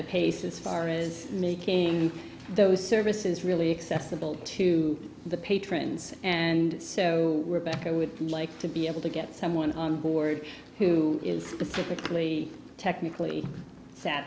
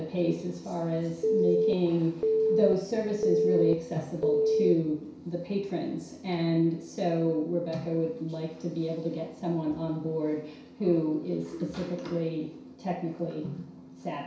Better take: first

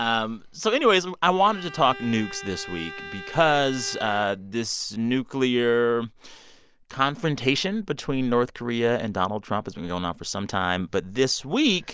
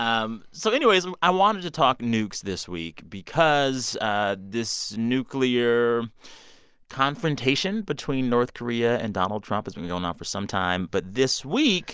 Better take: second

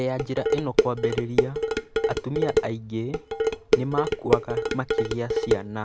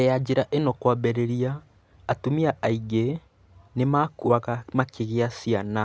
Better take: second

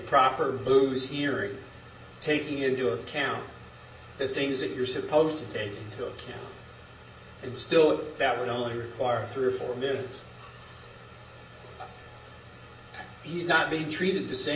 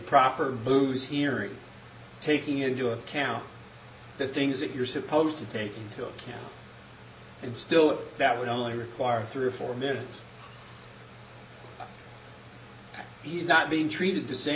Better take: second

